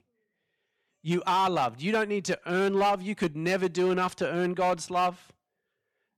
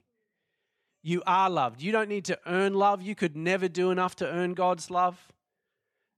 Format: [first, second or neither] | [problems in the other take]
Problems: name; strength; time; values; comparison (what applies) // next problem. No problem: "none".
second | distortion; slight; 7% of the sound clipped